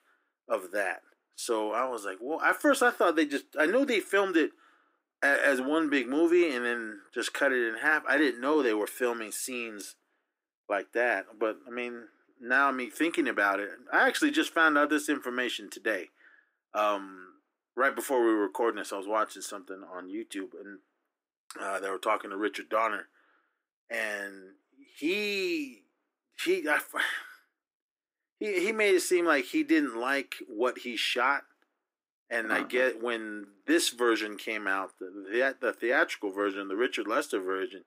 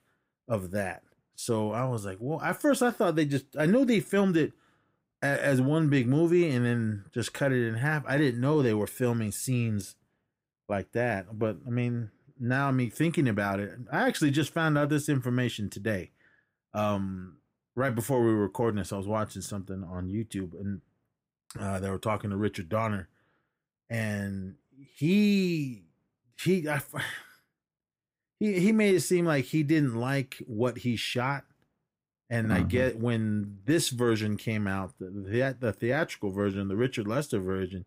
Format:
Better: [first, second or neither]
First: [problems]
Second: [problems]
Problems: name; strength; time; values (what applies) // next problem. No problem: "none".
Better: second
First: thin; somewhat; fading below 300 Hz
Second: none